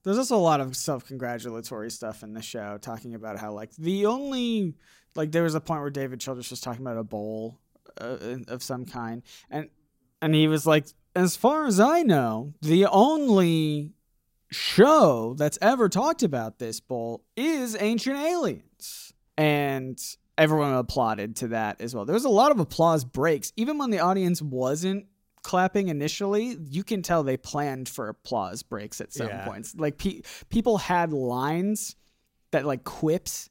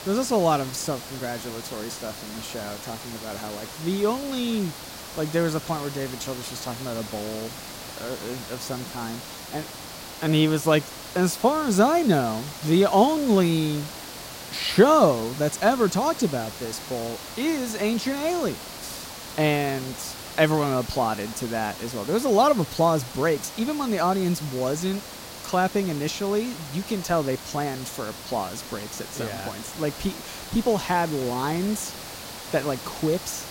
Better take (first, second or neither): first